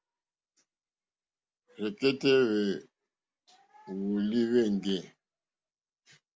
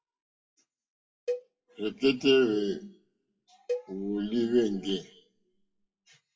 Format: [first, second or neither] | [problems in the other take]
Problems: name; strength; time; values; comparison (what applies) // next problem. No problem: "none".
first | noise reduction (classical method WPE with log-MMSE)